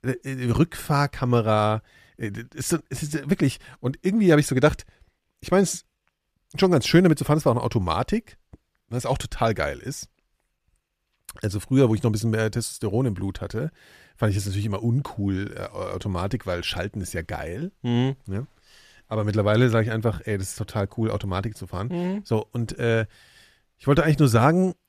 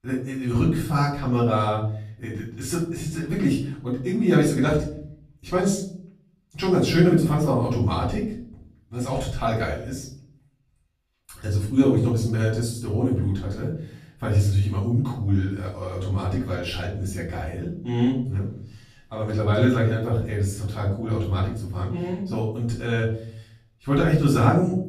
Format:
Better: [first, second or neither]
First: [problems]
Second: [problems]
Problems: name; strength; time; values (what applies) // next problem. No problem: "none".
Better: first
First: none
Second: off-mic speech; far // room echo; noticeable; dies away in 0.6 s